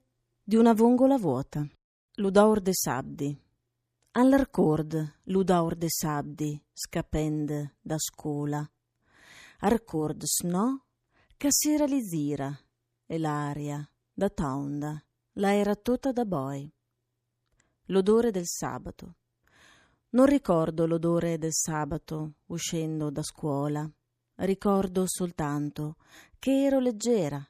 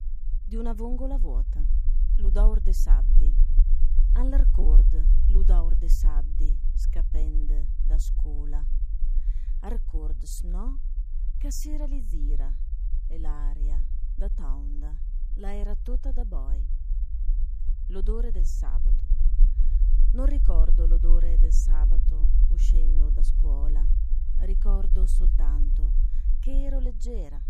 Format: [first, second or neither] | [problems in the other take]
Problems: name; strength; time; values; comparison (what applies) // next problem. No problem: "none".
first | low rumble; loud; throughout; 9 dB below the speech